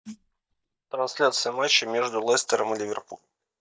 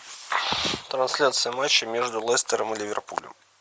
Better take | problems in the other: second | noise reduction (neural mask model DeepFilterNet 3)

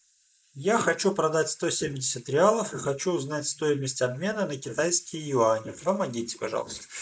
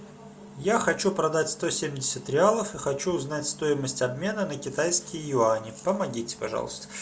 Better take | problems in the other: second | noise reduction (neural mask model Resemble Enhance denoiser)

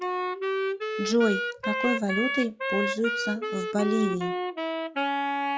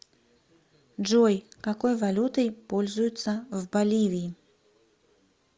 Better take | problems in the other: second | noise reduction (classical method log-MMSE)

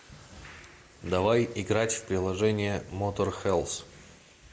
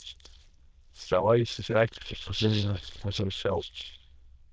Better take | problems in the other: first | noise reduction (neural diffusion model UNIVERSE++)

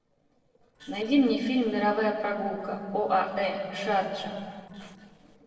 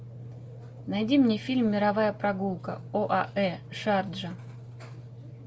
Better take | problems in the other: second | noise reduction (neural separator model SepFormer DNS4)

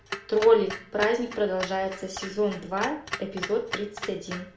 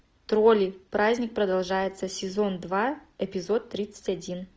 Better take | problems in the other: second | background sound (Clock); 11 dB below the speech // room echo; dies away in 0.4 s

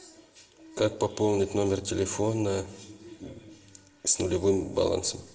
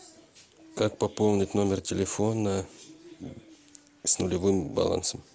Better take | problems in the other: second | room echo; dies away in 1 s

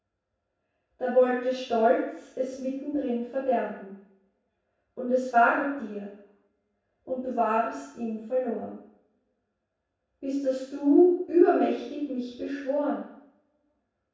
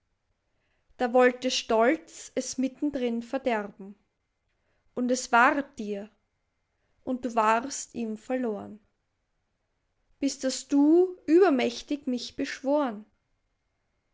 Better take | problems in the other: second | room echo; dies away in 0.7 s

